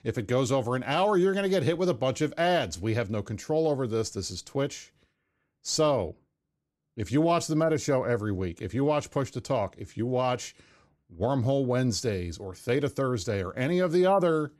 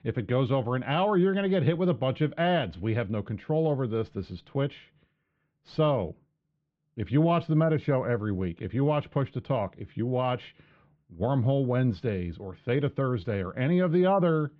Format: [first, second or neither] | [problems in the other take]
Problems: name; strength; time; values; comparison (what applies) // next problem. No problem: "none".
first | muffled; very; fading above 3.5 kHz